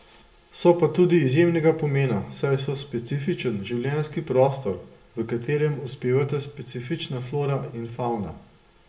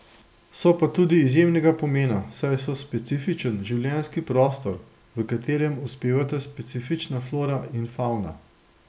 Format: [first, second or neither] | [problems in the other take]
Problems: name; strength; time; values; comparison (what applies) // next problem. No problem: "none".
second | room echo; dies away in 0.6 s